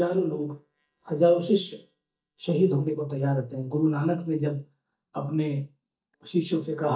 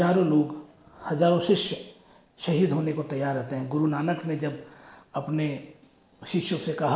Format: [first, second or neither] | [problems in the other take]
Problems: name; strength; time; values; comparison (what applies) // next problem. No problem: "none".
second | noise reduction (neural mask model DeepFilterNet 3)